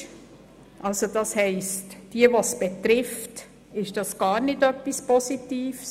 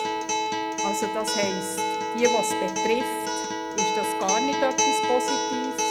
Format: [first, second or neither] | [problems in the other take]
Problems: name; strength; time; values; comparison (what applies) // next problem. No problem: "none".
first | background sound (Acoustic guitar); 3 dB above the speech